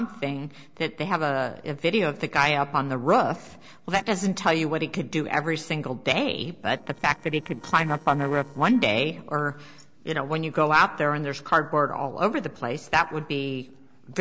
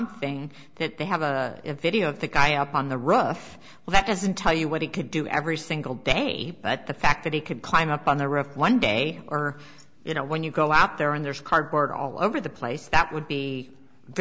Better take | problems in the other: second | noise reduction (neural separator model SepFormer DNS4)

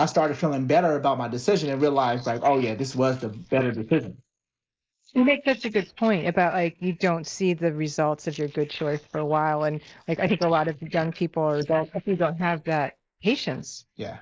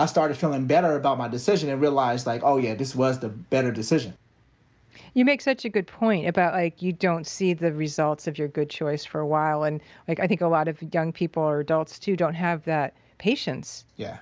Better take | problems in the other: second | noise reduction (neural mask model Resemble Enhance denoiser)

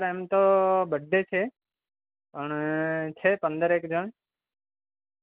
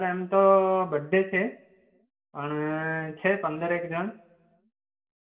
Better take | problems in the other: first | room echo; dies away in 0.5 s

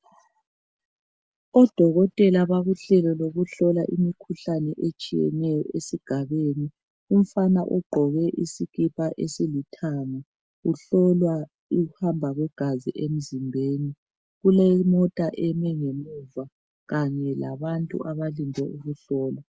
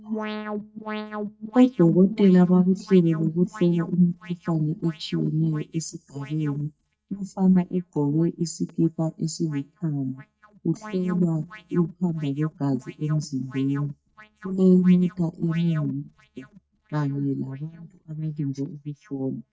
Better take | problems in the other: first | noise reduction (neural mask model DeepFilterNet 3)

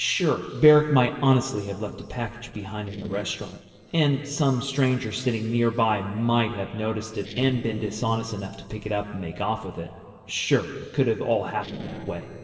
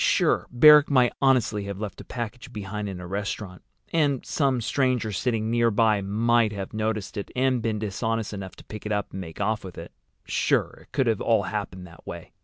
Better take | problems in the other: second | noise reduction (neural separator model SepFormer DNS4)

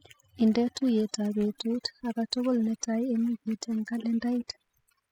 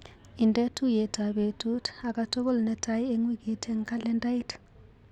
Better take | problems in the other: second | noise reduction (classical method spectral subtraction)

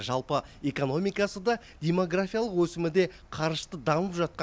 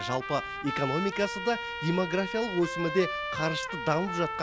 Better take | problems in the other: first | background sound (Trumpet); 5 dB below the speech

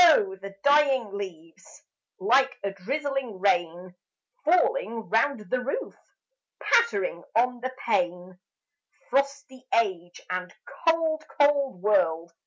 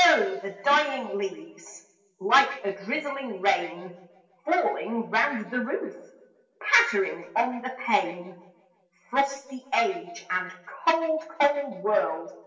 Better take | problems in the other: first | room echo; dies away in 0.9 s

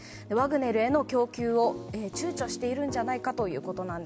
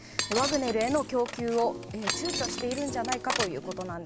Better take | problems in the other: first | background sound (Cutlery, silverware + Shatter); 5 dB below the speech

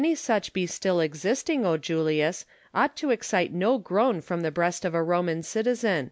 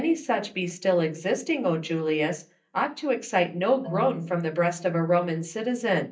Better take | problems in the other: first | noise reduction (neural mask model DeepFilterNet 3)

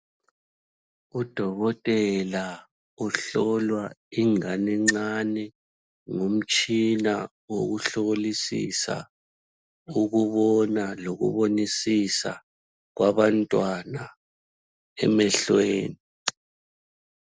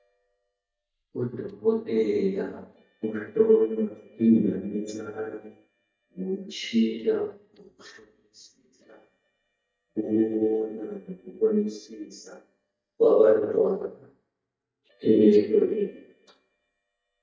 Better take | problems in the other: first | noise reduction (neural mask model DeepFilterNet 3)

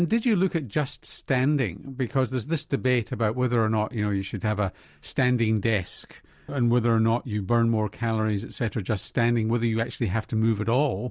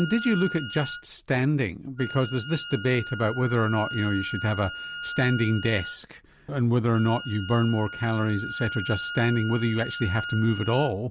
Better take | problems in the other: first | background sound (Wind instrument, woodwind instrument); 11 dB below the speech

